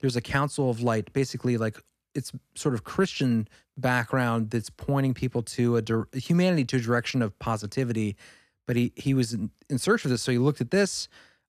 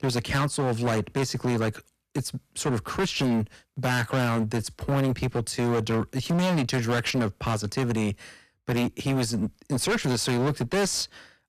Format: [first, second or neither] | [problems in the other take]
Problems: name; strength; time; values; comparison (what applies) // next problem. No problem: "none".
first | distortion; heavy; 22% of the sound clipped